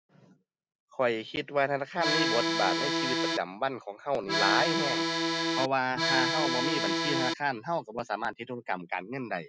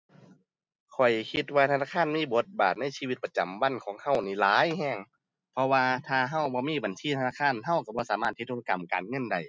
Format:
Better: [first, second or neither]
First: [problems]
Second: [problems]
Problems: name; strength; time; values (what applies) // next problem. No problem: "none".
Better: second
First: background sound (Accordion); 4 dB above the speech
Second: none